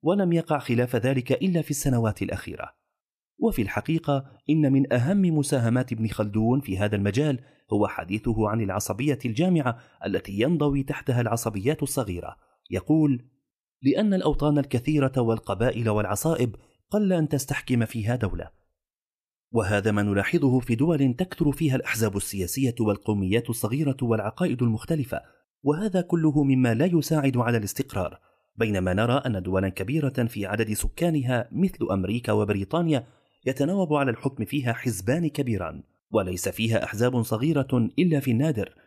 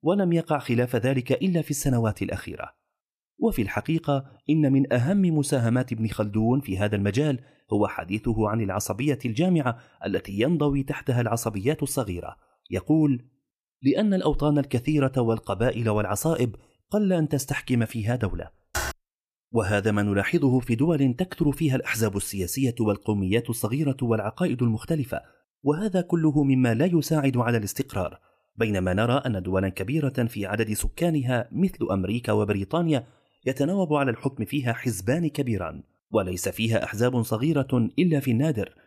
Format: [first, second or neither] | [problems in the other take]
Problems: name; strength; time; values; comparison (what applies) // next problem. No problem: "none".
first | keyboard typing; noticeable; at 19 s; peak 5 dB below the speech